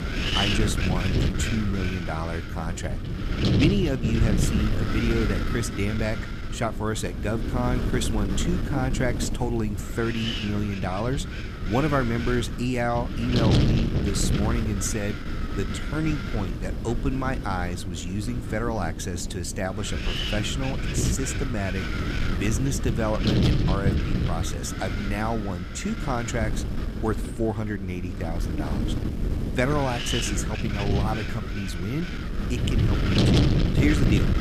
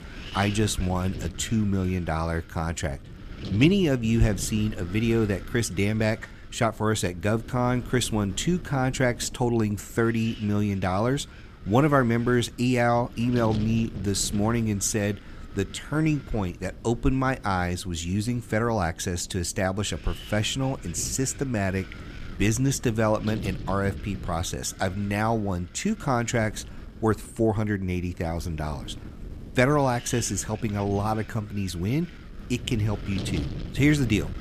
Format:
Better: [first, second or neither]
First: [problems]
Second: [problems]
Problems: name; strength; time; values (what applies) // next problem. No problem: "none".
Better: second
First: wind noise on the microphone; heavy; 2 dB below the speech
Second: wind noise on the microphone; occasional gusts; 15 dB below the speech